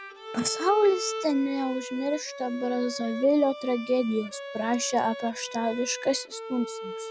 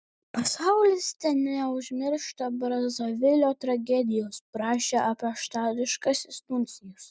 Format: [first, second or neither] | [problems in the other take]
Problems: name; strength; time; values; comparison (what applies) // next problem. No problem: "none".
second | background sound (Bowed string instrument); 11 dB below the speech